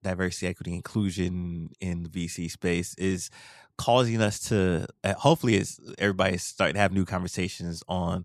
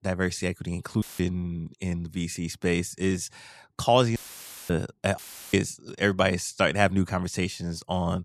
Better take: first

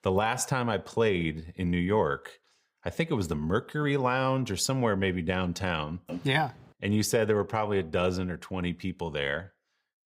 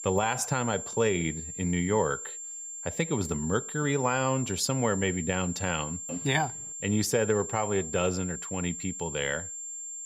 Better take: first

